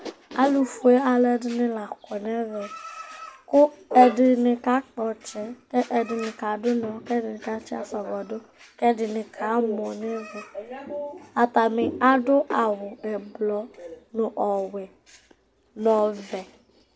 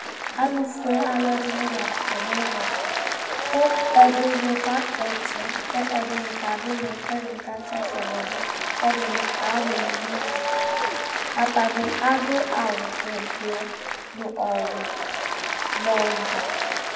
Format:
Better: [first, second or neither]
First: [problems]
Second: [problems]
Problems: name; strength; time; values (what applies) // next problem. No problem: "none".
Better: first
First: none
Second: background sound (Applause); 2 dB below the speech // room echo; dies away in 1.5 s